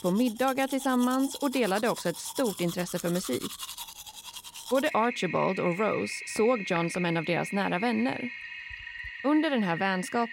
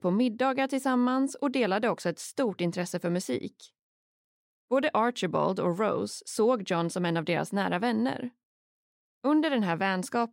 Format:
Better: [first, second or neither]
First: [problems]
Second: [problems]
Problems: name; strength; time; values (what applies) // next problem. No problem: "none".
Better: second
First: household noises; loud; throughout; 9 dB below the speech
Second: none